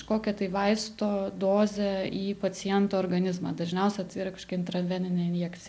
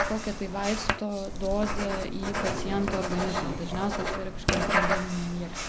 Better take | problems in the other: first | background sound (Writing); 1 dB above the speech

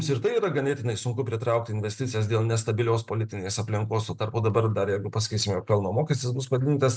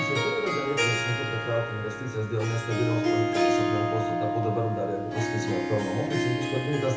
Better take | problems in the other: first | background sound (Harp); 1 dB above the speech // room echo; dies away in 0.6 s

